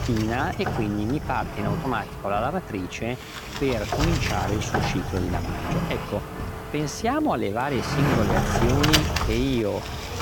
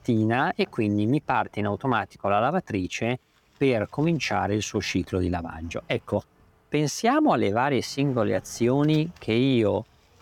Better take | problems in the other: second | household noises; loud; throughout; as loud as the speech; faint in the second

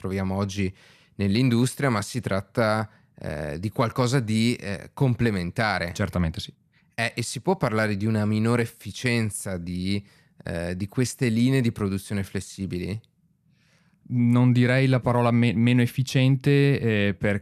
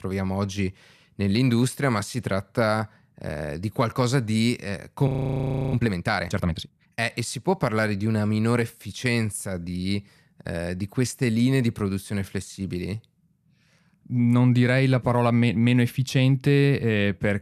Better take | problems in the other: first | audio freezing; at 5 s for 0.5 s

